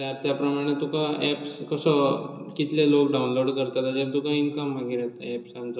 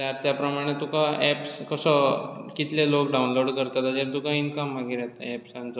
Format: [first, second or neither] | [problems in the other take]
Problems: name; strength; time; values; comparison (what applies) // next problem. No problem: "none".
second | room echo; dies away in 0.2 s